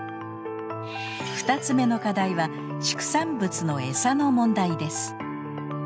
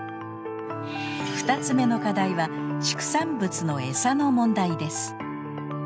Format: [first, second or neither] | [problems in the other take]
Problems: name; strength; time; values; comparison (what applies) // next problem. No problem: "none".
first | background sound (Bowed string instrument); 11 dB below the speech